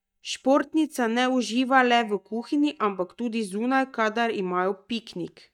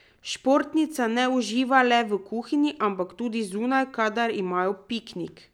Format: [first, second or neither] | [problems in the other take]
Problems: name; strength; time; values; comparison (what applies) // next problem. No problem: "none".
second | noise reduction (neural mask model DeepFilterNet 3)